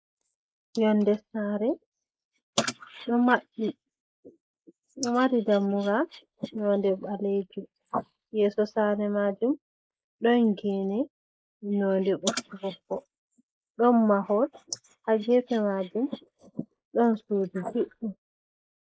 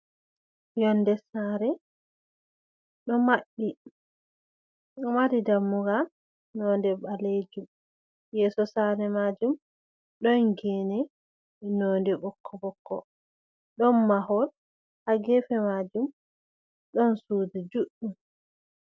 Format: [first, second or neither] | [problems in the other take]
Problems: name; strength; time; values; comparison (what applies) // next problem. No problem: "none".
second | noise reduction (neural mask model Resemble Enhance denoiser)